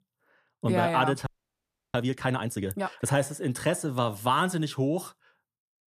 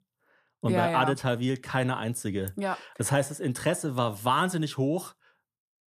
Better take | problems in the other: second | audio freezing; at 1.5 s for 0.5 s

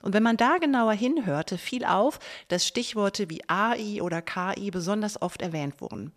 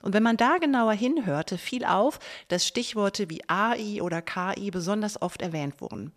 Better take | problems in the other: neither | none

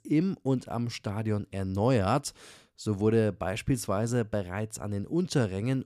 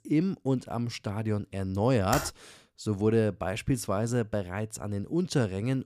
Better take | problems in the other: first | keyboard typing; noticeable; at 2 s; peak 5 dB below the speech

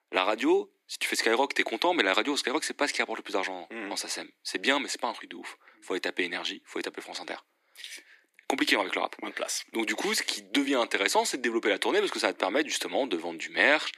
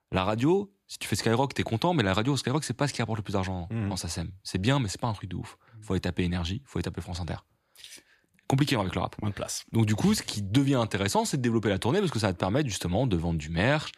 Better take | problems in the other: second | thin; somewhat; fading below 300 Hz

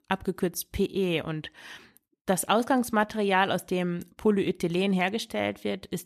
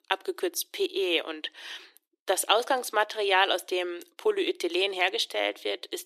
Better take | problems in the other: first | thin; very; fading below 350 Hz

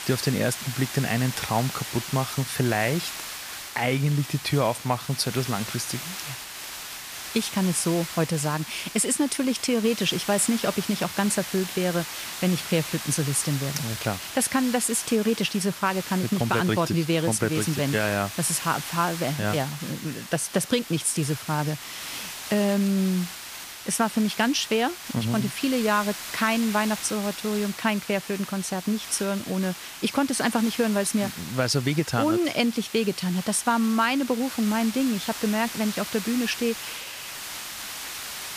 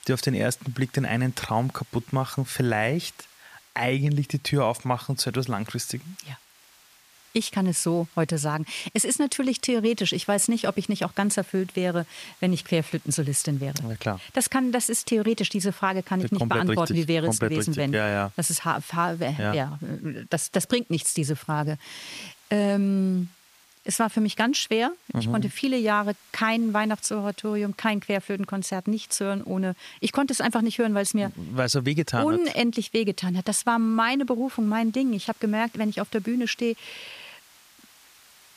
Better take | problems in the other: second | hiss; loud; throughout; 9 dB below the speech; faint in the second

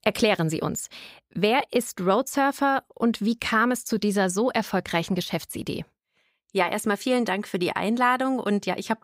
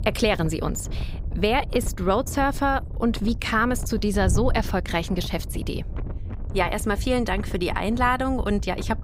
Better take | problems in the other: first | wind noise on the microphone; occasional gusts; 20 dB below the speech

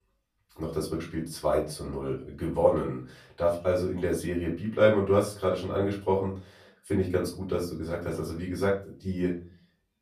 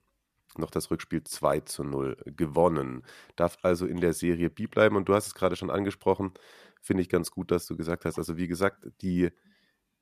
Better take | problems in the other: second | off-mic speech; far // room echo; slight; dies away in 0.3 s

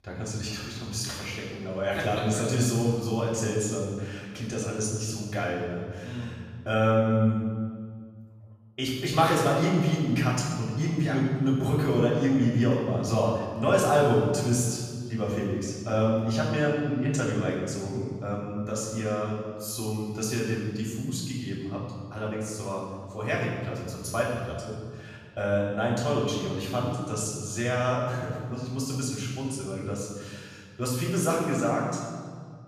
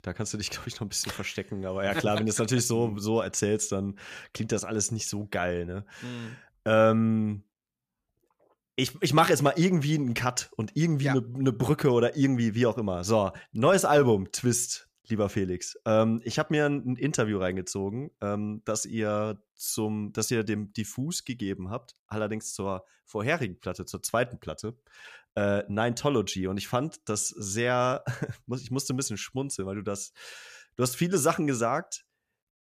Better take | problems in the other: second | room echo; noticeable; dies away in 1.7 s // off-mic speech; far

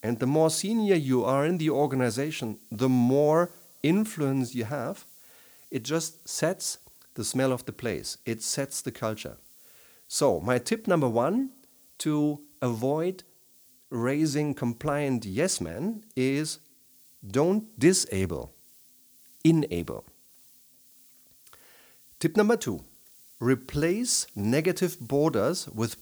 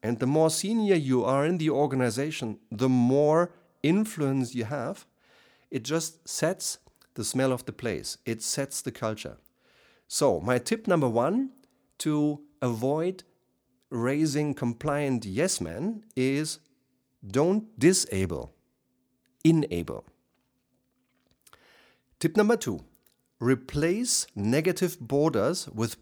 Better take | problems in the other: second | hiss; faint; throughout; 25 dB below the speech

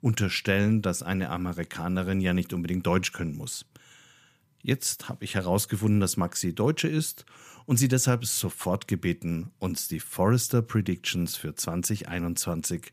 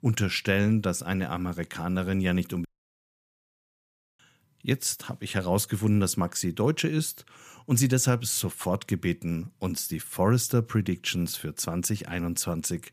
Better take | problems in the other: first | audio cutting out; at 2.5 s for 1.5 s

